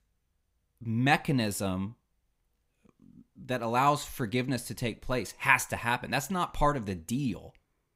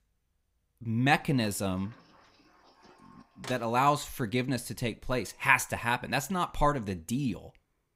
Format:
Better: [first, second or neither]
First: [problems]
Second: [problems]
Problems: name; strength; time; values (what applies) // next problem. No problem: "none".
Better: first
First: none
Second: door banging; faint; from 1.5 to 3.5 s; peak 15 dB below the speech